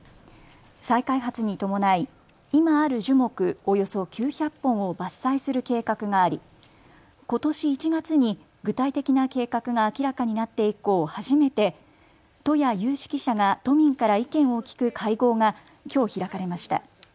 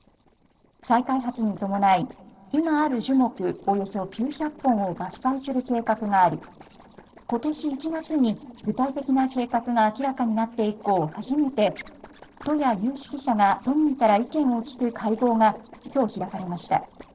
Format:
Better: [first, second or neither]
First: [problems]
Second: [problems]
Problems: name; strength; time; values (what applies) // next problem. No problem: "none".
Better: first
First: none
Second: noise reduction (neural separator model SepFormer DNS4)